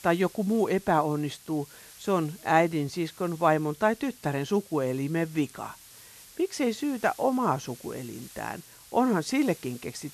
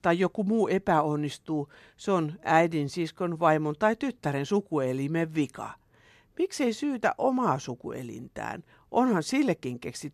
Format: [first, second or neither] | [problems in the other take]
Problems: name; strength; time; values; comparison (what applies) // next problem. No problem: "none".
second | hiss; faint; throughout; 20 dB below the speech